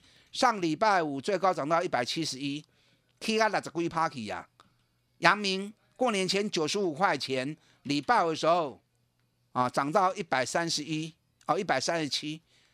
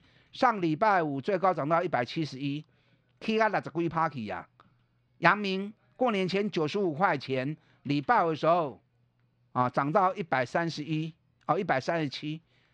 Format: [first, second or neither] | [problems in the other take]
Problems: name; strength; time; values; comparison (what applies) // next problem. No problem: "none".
first | muffled; slightly; fading above 2.5 kHz